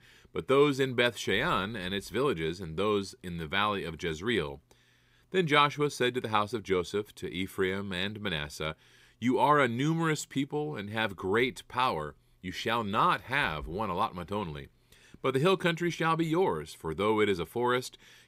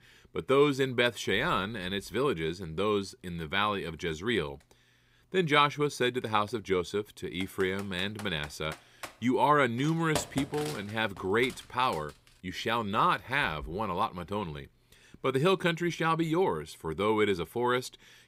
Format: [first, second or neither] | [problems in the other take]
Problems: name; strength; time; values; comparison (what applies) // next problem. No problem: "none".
first | keyboard typing; noticeable; from 7.5 to 12 s; peak 6 dB below the speech